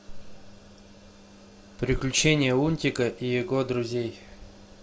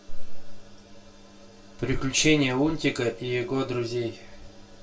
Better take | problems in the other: first | room echo; dies away in 0.2 s

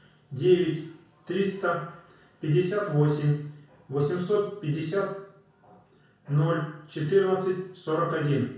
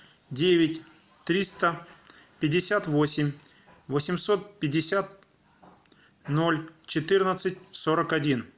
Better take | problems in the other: second | room echo; dies away in 0.6 s

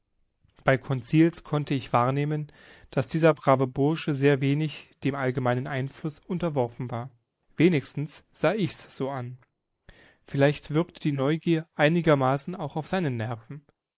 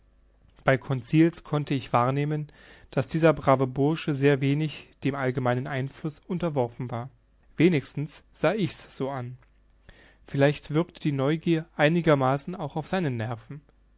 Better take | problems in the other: second | noise reduction (neural mask model Resemble Enhance denoiser)

